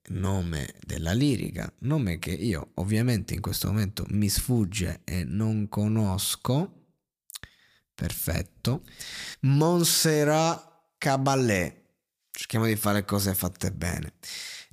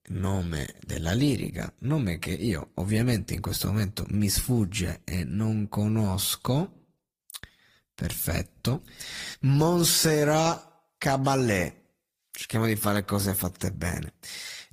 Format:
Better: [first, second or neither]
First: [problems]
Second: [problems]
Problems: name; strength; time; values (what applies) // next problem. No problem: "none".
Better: first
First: none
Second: garbled, watery; slightly; nothing above 15 kHz